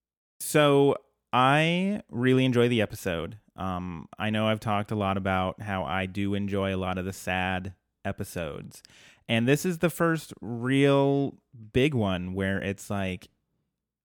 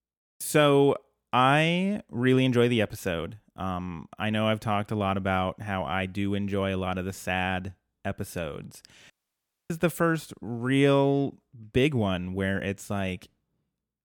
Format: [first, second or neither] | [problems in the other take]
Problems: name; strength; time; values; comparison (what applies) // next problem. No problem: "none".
first | audio cutting out; at 9 s for 0.5 s